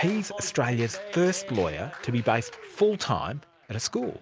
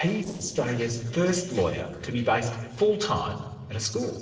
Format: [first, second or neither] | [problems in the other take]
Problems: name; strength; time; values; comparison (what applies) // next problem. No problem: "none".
first | noise reduction (neural separator model SepFormer DNS4)